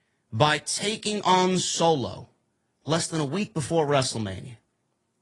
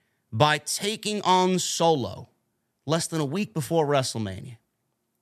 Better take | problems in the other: second | garbled, watery; slightly

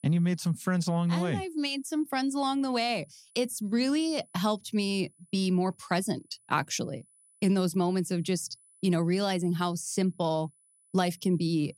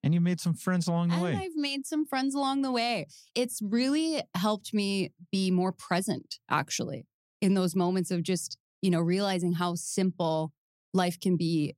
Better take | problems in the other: second | high-pitched whine; faint; throughout; 10 kHz, 30 dB below the speech

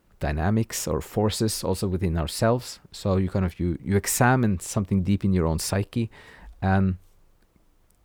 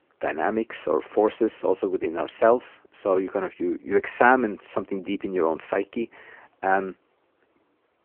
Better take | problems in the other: first | phone-call audio; poor line

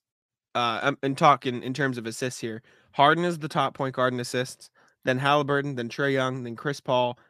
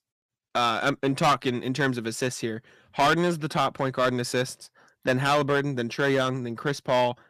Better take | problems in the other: first | distortion; heavy; 4% of the sound clipped

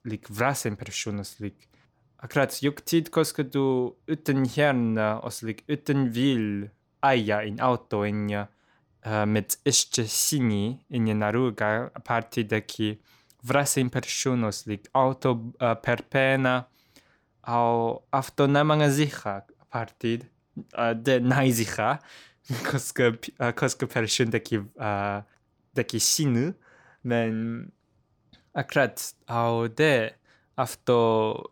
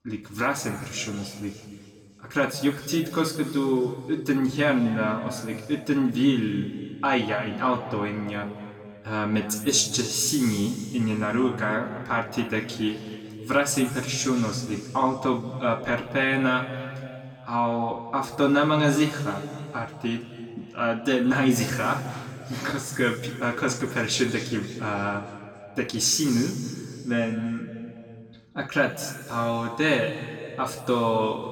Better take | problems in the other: first | room echo; noticeable; dies away in 2.2 s // off-mic speech; far

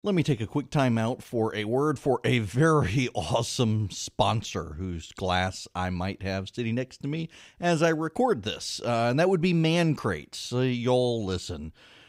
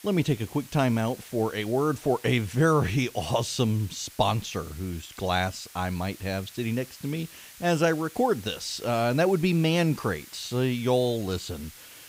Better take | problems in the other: first | hiss; noticeable; throughout; 20 dB below the speech

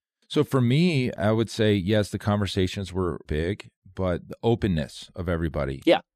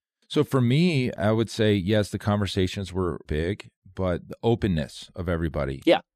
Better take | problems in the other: neither | none

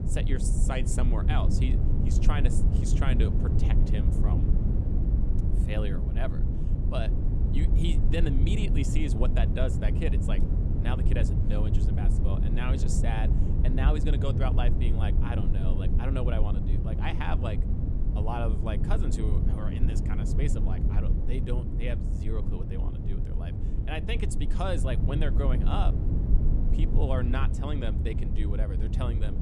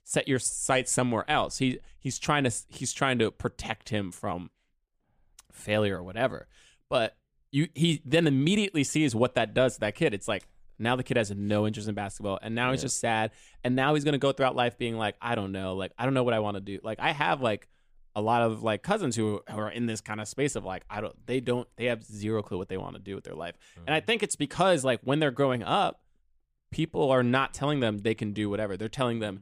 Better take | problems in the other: second | low rumble; loud; throughout; 3 dB below the speech

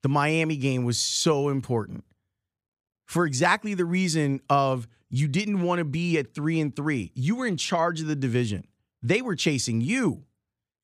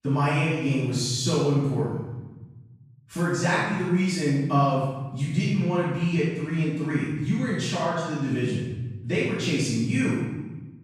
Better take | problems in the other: first | off-mic speech; far // room echo; strong; dies away in 1.1 s

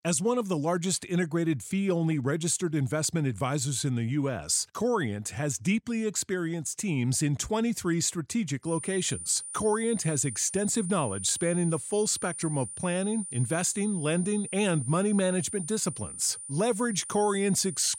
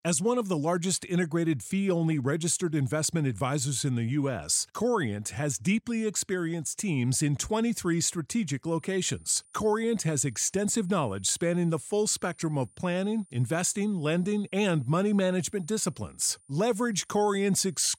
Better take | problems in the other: second | high-pitched whine; loud; from 8.5 s on; 9.5 kHz, 8 dB below the speech; faint in the second

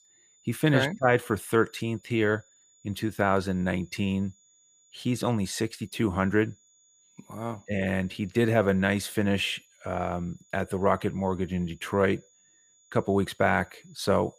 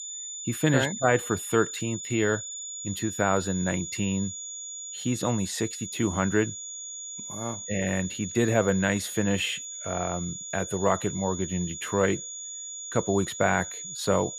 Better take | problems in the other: first | high-pitched whine; loud; throughout; 7 kHz, 7 dB below the speech; faint in the first

